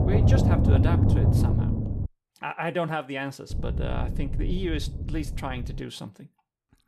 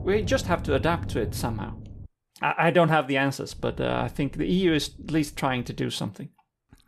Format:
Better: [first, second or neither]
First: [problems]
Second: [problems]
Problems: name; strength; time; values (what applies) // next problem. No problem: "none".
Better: second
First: low rumble; loud; until 2 s and from 3.5 to 6 s; as loud as the speech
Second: low rumble; faint; until 2 s and from 3.5 to 6 s; 20 dB below the speech